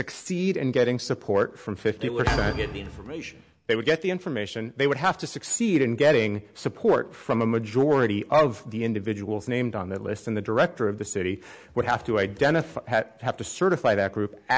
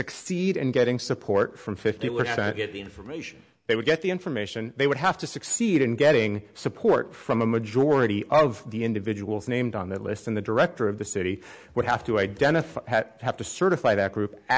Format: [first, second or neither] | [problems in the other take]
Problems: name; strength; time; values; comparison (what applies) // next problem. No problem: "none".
second | background sound (Thump, thud); 8 dB below the speech